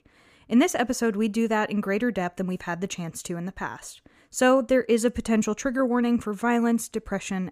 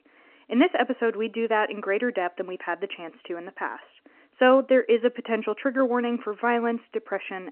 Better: first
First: none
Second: phone-call audio

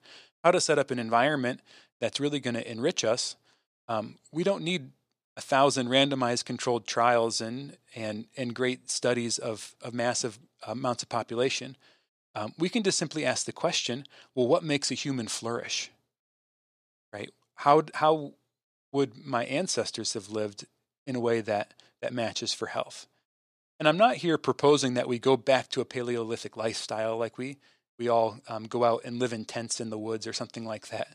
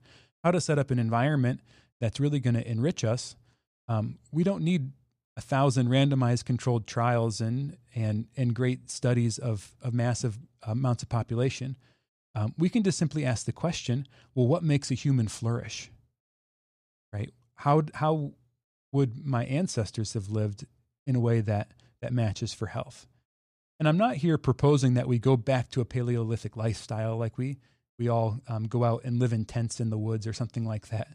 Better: second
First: thin; somewhat; fading below 350 Hz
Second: none

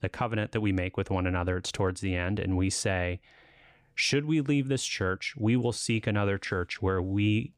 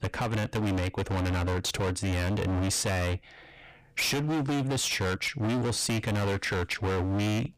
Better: first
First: none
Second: distortion; heavy; 38% of the sound clipped

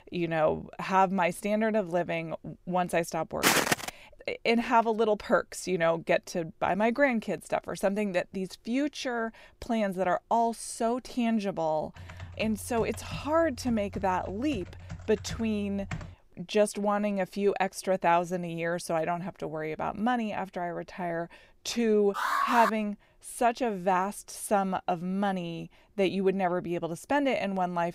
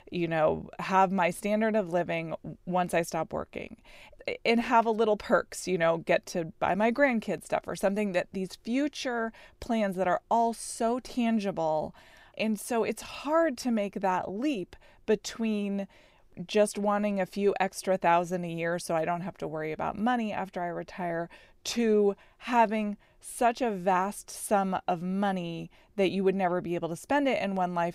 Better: second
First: footsteps; loud; at 3.5 s; peak 6 dB above the speech // keyboard typing; faint; from 12 to 16 s; peak 10 dB below the speech // alarm; loud; at 22 s; peak 2 dB above the speech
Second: none

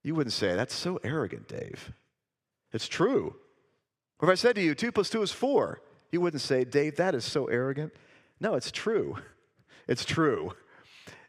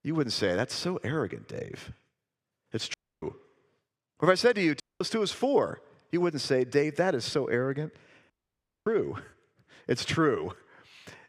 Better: first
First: none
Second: audio cutting out; at 3 s, at 5 s and at 8.5 s for 0.5 s

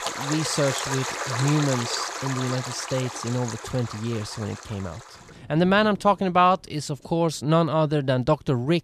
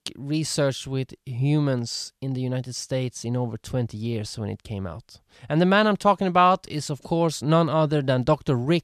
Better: second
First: rain or running water; loud; throughout; 6 dB below the speech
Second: none

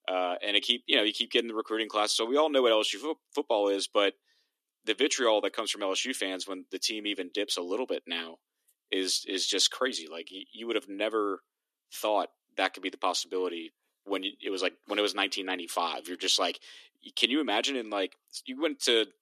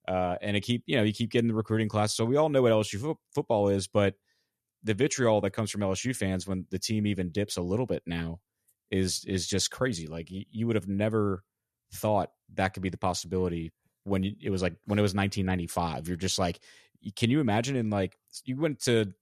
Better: second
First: thin; somewhat; fading below 250 Hz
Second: none

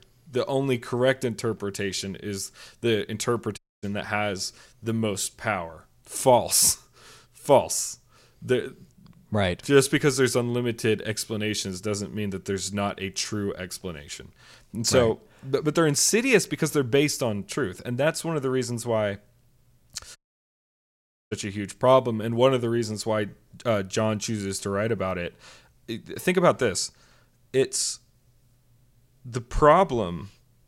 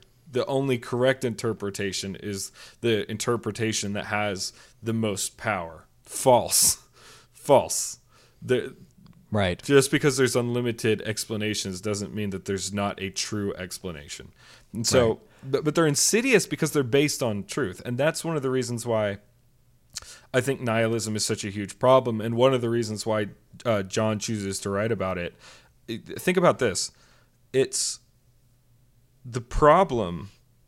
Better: second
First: audio cutting out; at 3.5 s and at 20 s for 1 s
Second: none

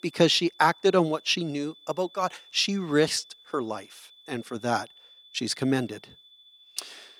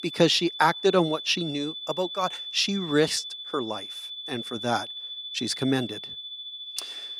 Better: first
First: high-pitched whine; faint; throughout; 3.5 kHz, 25 dB below the speech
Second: high-pitched whine; loud; throughout; 3.5 kHz, 8 dB below the speech

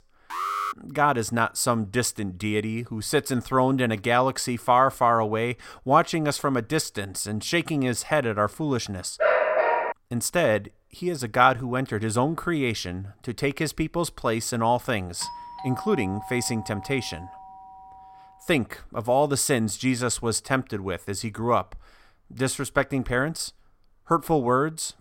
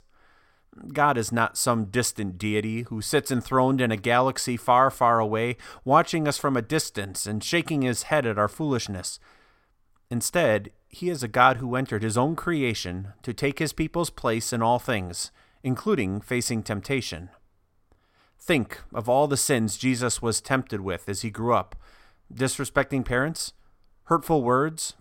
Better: second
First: alarm; noticeable; at 0.5 s; peak 2 dB below the speech // dog barking; loud; at 9 s; peak 4 dB above the speech // doorbell; faint; from 15 to 18 s; peak 10 dB below the speech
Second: none

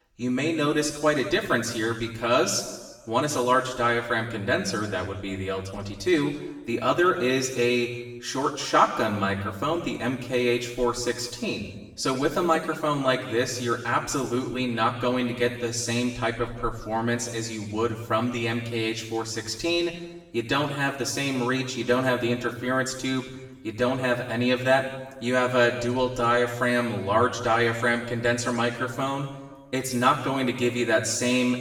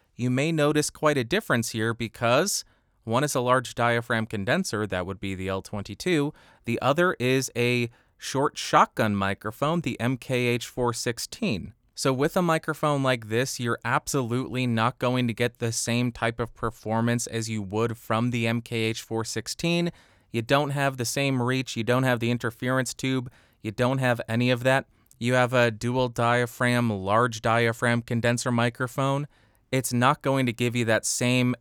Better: second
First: room echo; noticeable; dies away in 1.1 s // off-mic speech; far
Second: none

